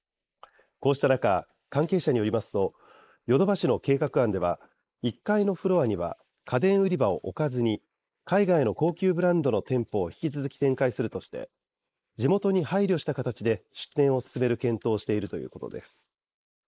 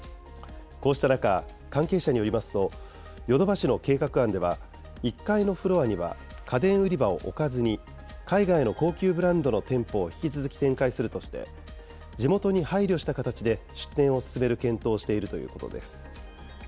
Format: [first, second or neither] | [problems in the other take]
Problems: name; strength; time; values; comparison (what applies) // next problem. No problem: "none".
second | noise reduction (neural mask model Resemble Enhance denoiser)